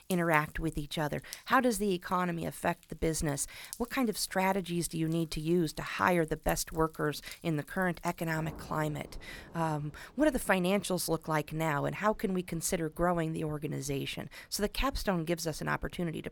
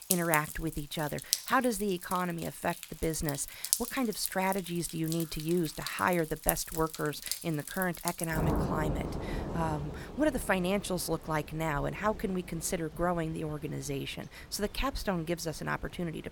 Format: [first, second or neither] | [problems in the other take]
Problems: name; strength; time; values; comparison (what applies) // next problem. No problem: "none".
first | rain or running water; loud; throughout; 4 dB below the speech; faint in the first